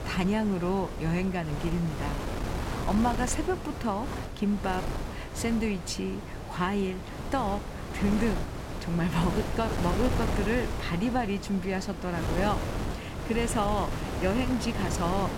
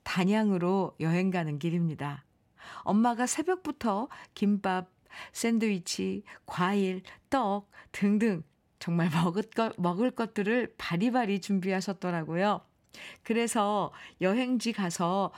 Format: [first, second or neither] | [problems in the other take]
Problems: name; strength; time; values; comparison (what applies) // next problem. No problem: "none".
second | wind noise on the microphone; heavy; 5 dB below the speech